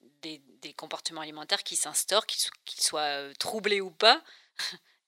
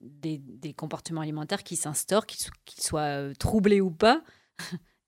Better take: second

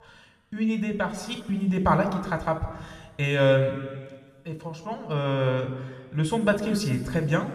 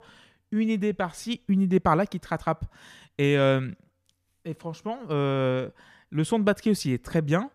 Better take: second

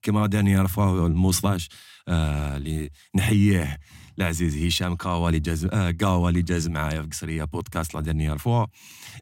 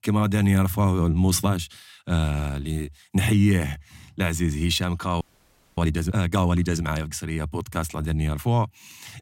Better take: first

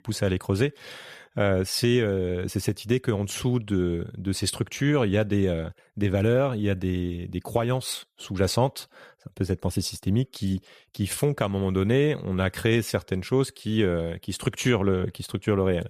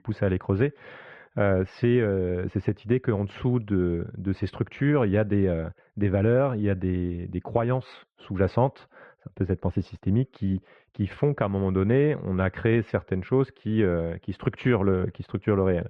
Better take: first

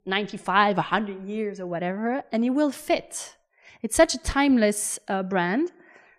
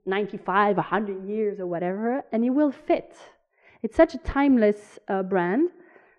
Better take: first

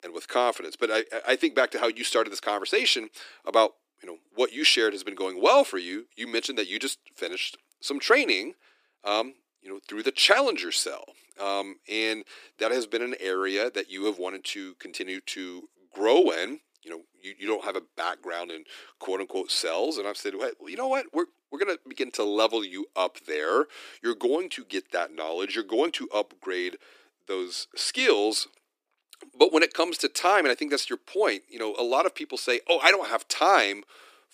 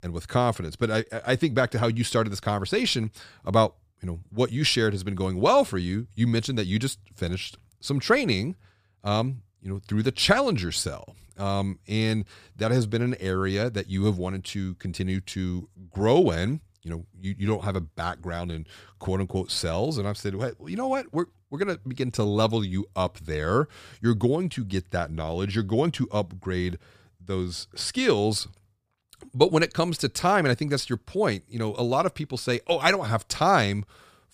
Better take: second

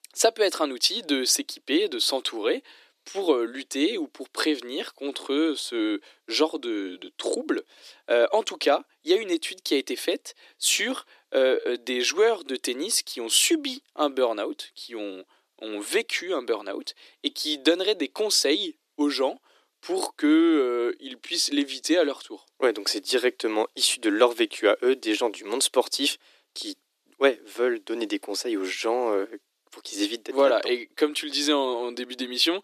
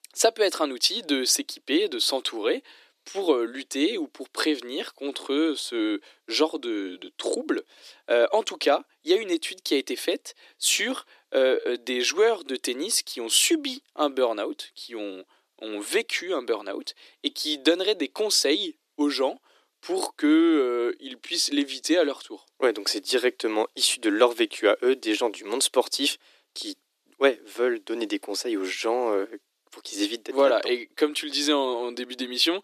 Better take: neither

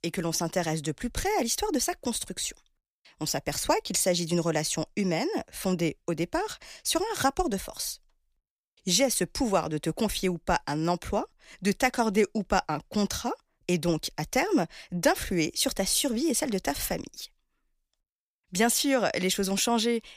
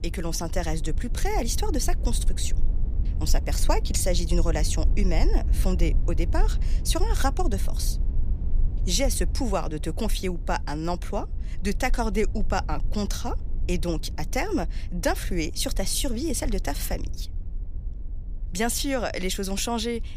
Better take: first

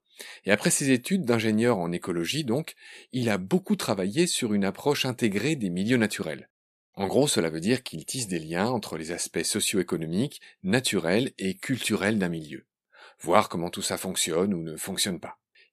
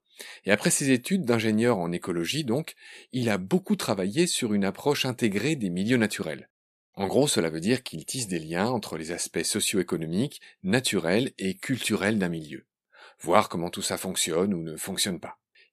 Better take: neither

